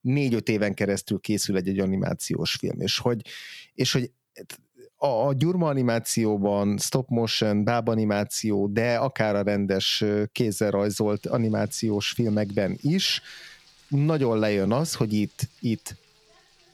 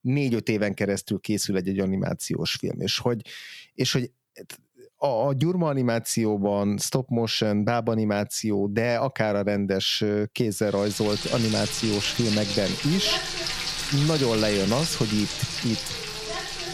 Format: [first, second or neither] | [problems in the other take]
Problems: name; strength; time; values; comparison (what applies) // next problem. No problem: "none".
first | household noises; loud; from 11 s on; 4 dB below the speech; faint in the first